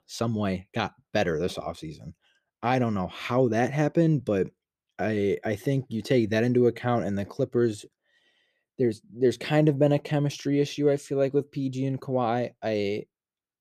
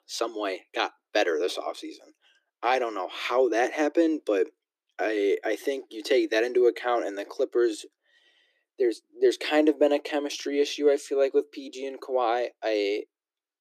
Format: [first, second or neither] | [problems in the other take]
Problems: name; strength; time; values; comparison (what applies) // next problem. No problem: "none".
first | thin; somewhat; fading below 300 Hz